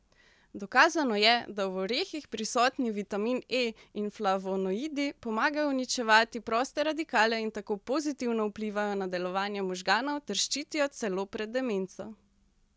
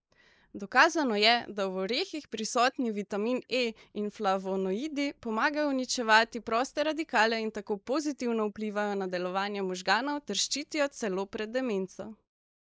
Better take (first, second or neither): first